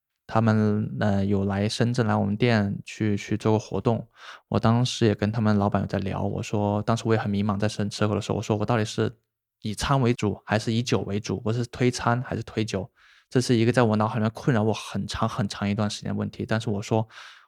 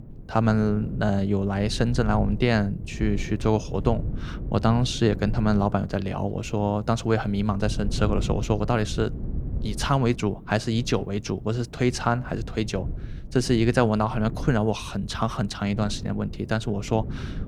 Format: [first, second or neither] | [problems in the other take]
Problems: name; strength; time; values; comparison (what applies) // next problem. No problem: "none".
first | wind noise on the microphone; occasional gusts; 20 dB below the speech